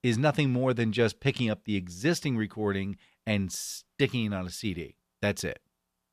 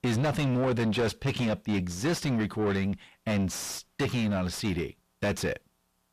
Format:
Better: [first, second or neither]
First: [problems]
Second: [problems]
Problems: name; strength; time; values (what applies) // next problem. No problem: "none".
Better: first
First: none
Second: distortion; heavy; 6 dB below the speech